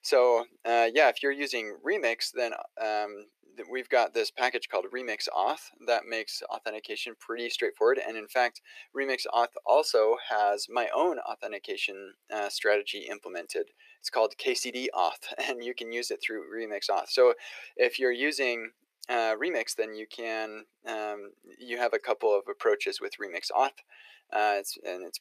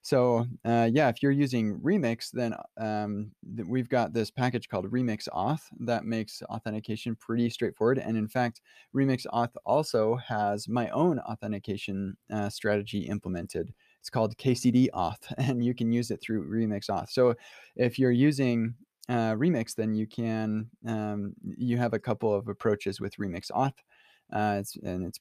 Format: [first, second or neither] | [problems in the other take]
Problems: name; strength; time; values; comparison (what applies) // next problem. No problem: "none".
second | thin; very; fading below 400 Hz